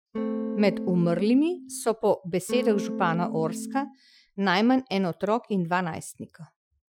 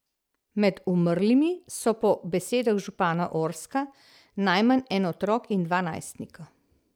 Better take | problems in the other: second | noise reduction (classical method Wiener filter)

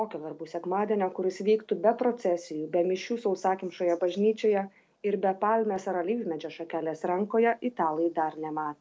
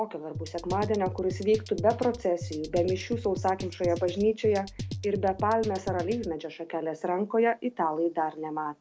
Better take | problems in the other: first | background sound (Drum kit); 9 dB below the speech

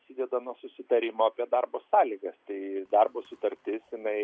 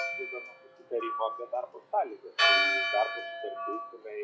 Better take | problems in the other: first | noise reduction (classical method log-MMSE)

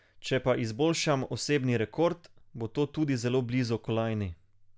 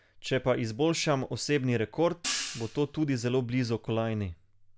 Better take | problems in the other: first | background sound (Hi-hat); 9 dB below the speech

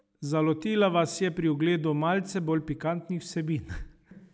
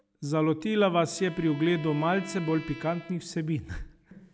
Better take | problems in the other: first | background sound (Bowed string instrument); 17 dB below the speech

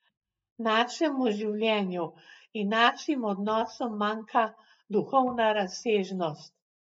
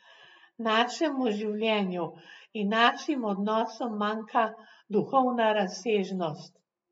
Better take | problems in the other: second | noise reduction (neural mask model DeepFilterNet 3)

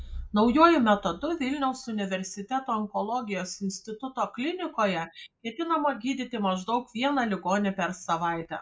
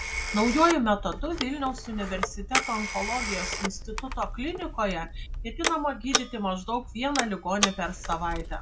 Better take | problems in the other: first | background sound (Telephone); 3 dB below the speech

